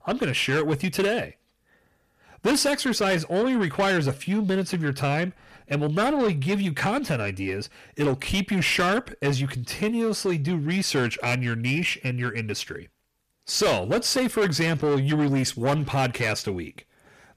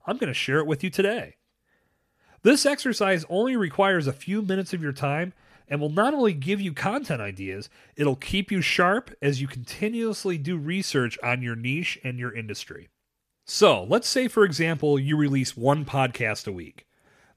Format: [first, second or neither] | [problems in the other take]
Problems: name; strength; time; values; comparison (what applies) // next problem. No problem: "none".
second | distortion; heavy; 7 dB below the speech